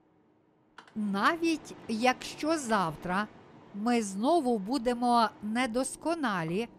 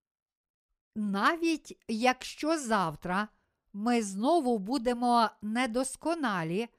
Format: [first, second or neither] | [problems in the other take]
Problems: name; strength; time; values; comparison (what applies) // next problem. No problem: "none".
second | machinery noise; faint; throughout; 20 dB below the speech